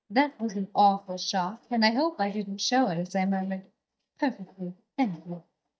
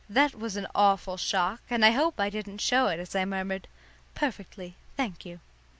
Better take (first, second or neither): second